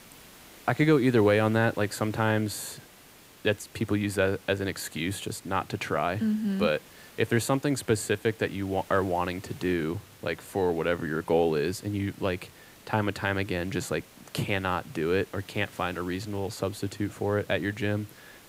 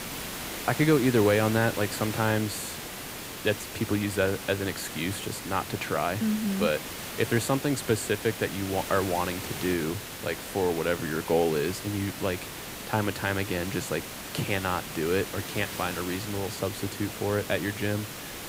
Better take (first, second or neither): first